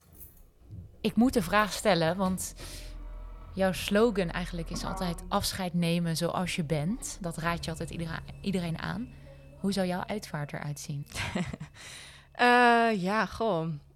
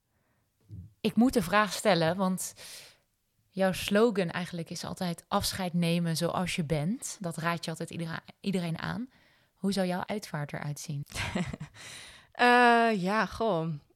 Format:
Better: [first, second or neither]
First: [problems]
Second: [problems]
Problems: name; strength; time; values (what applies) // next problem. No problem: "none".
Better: second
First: traffic noise; noticeable; throughout; 20 dB below the speech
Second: none